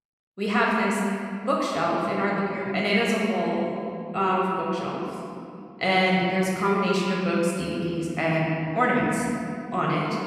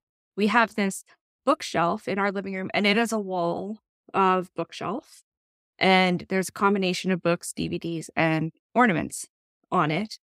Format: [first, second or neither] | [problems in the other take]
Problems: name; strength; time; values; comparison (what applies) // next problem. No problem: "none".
second | room echo; noticeable; dies away in 2.3 s // off-mic speech; far